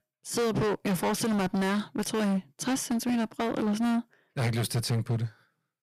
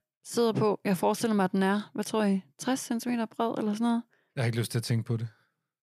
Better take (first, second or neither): second